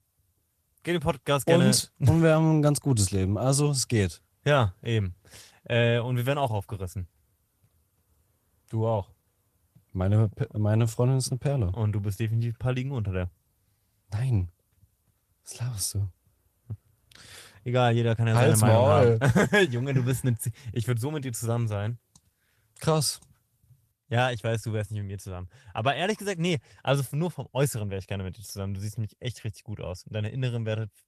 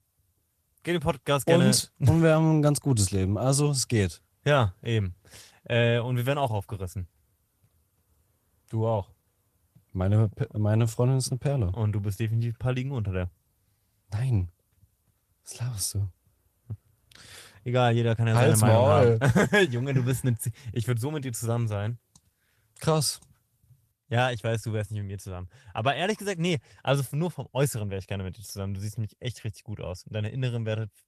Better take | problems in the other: neither | garbled, watery; slightly; nothing above 14 kHz; the same in both

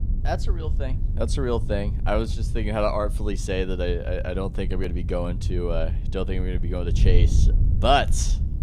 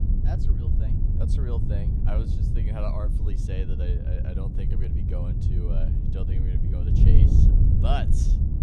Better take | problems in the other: first | wind noise on the microphone; heavy; 1 dB above the speech; occasional gusts in the first

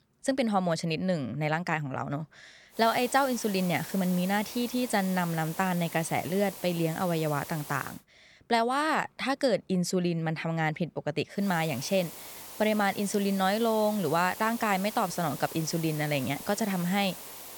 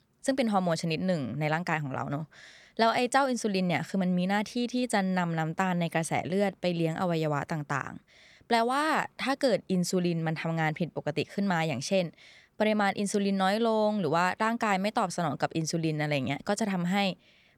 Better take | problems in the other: second | hiss; noticeable; from 3 to 8 s and from 11 s on; 10 dB below the speech

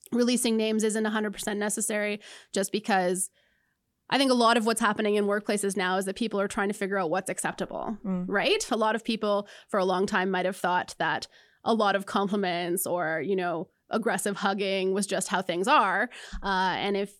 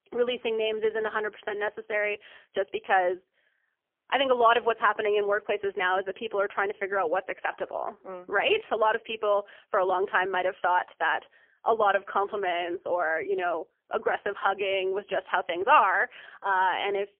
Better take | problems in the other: first | phone-call audio; poor line; nothing above 3 kHz

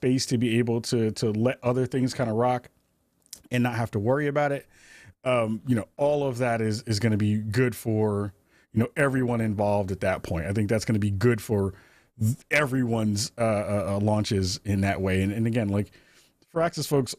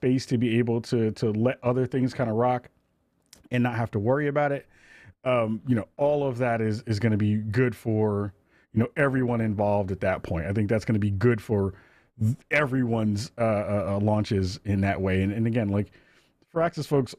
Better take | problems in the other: first | muffled; slightly; fading above 4 kHz

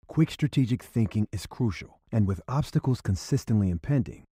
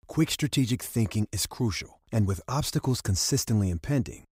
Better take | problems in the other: second | muffled; slightly; fading above 3.5 kHz

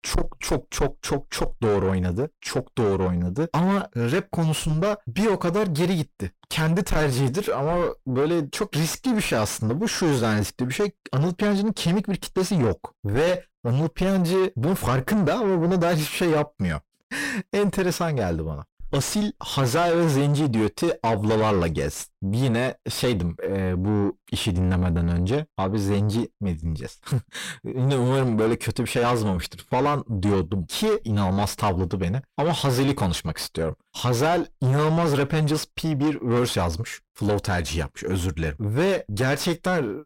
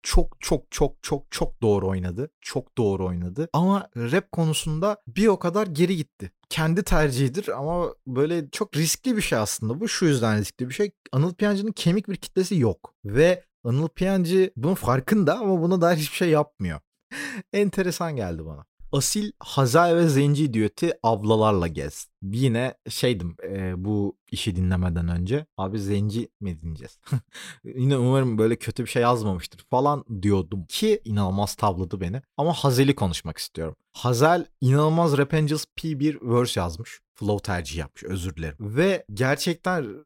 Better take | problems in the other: second | distortion; heavy; 6 dB below the speech

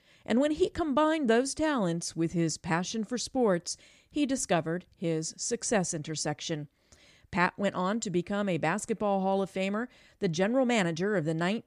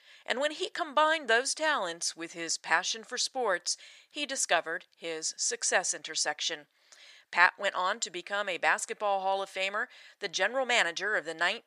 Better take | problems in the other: first | thin; very; fading below 800 Hz

